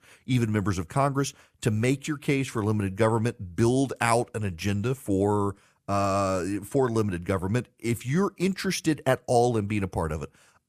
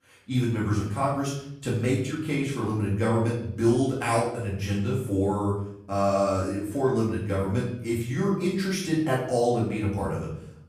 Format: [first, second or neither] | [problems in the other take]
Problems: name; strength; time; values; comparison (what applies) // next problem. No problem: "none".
first | off-mic speech; far // room echo; noticeable; dies away in 0.7 s